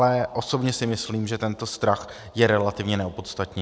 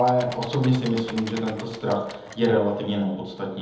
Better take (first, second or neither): first